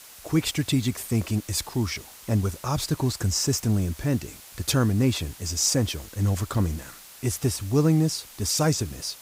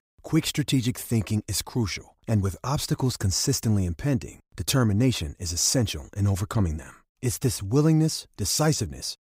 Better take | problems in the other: second | hiss; noticeable; throughout; 20 dB below the speech

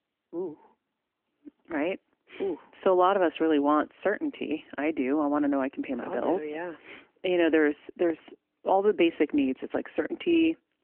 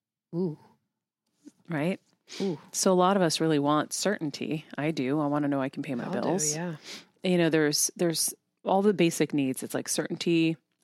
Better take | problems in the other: second | phone-call audio; nothing above 3 kHz

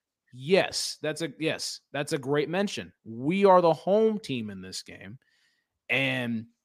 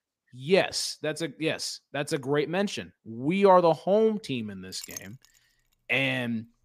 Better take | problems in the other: first | clattering dishes; faint; at 4.5 s; peak 15 dB below the speech

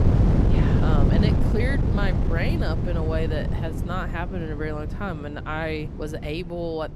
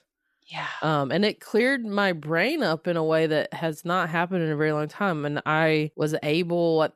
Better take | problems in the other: second | wind noise on the microphone; heavy; 2 dB below the speech

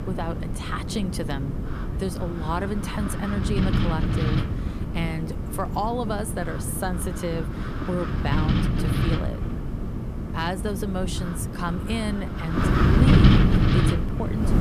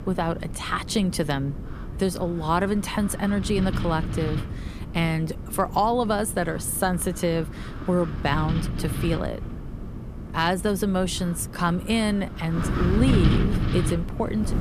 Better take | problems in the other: second | wind noise on the microphone; heavy; as loud as the speech; occasional gusts in the second

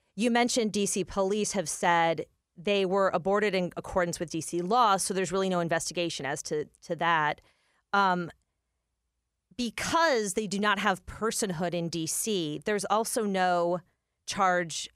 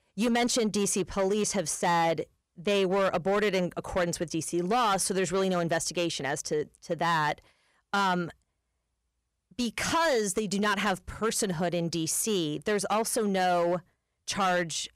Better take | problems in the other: first | distortion; slight; 8% of the sound clipped

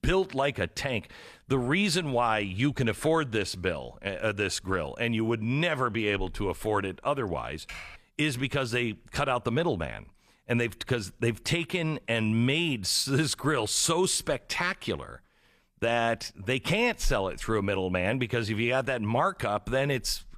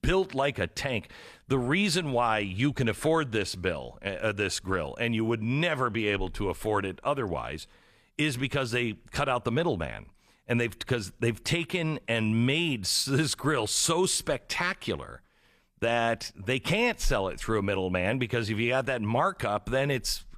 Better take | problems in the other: second | keyboard typing; faint; at 7.5 s; peak 15 dB below the speech

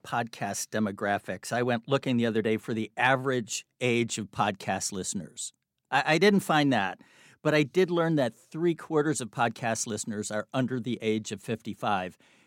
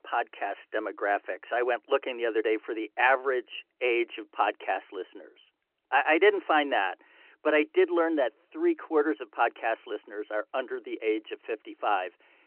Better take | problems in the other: first | phone-call audio; nothing above 2.5 kHz

